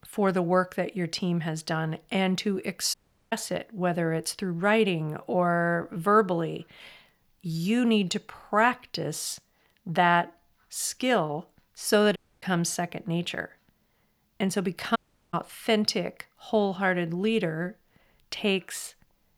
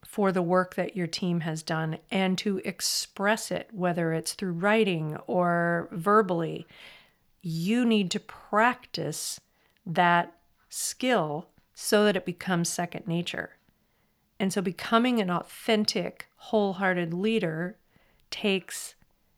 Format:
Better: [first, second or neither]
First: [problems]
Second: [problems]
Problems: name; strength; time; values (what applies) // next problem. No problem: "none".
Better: second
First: audio cutting out; at 3 s, at 12 s and at 15 s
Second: none